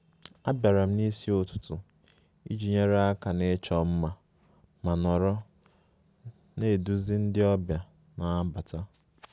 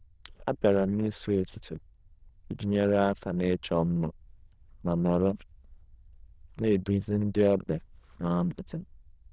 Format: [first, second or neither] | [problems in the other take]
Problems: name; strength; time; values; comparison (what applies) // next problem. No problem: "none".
first | noise reduction (neural diffusion model UNIVERSE++)